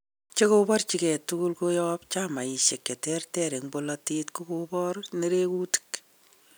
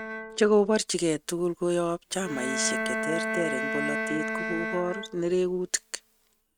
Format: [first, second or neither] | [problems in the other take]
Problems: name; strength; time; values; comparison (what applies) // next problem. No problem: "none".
first | noise reduction (neural mask model RNNoise)